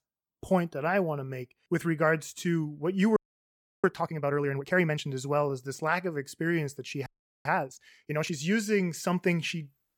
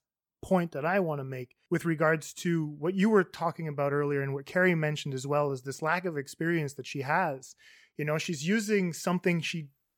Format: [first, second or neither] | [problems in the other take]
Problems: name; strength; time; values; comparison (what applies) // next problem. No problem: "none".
second | audio freezing; at 3 s for 0.5 s and at 7 s